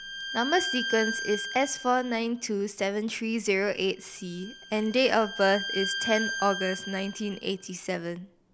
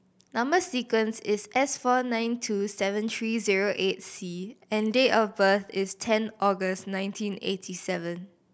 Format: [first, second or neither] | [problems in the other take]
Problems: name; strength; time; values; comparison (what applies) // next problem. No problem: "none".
second | background sound (Bowed string instrument); 8 dB below the speech